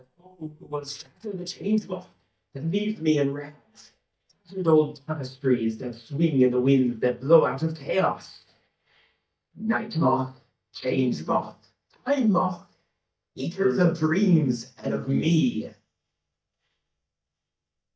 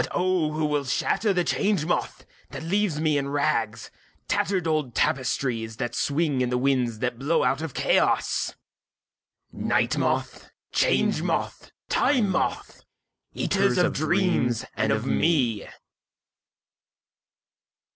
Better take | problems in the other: second | noise reduction (neural mask model DeepFilterNet 3)

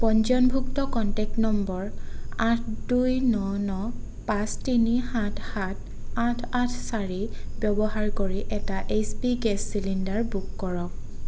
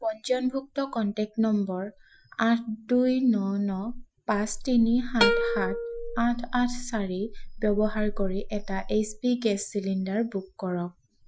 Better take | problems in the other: first | noise reduction (classical method Wiener filter)

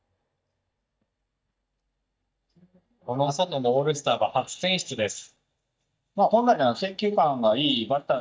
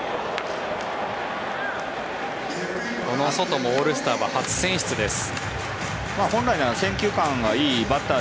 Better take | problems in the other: second | noise reduction (neural mask model DeepFilterNet 3)

